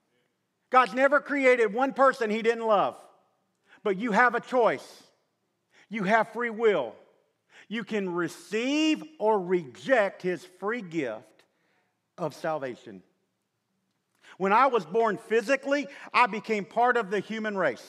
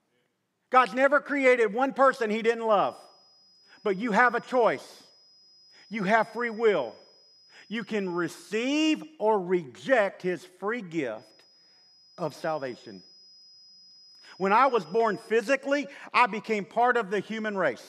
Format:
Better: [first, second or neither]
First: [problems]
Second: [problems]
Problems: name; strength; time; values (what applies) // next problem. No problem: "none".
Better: first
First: none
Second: high-pitched whine; faint; from 3 to 8.5 s and from 11 to 15 s; 5 kHz, 30 dB below the speech